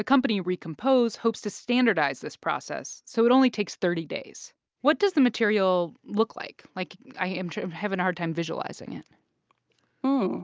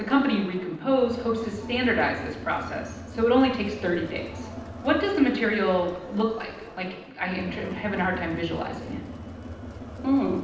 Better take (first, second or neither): first